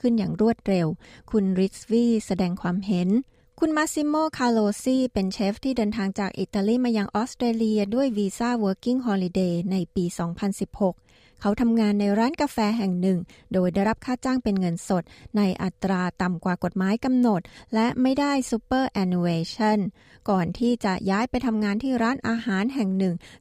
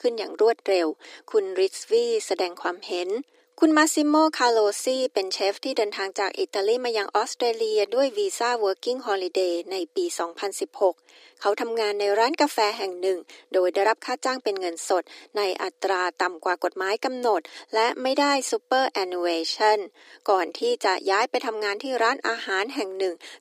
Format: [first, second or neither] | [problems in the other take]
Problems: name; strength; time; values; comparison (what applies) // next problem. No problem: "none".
first | thin; very; fading below 300 Hz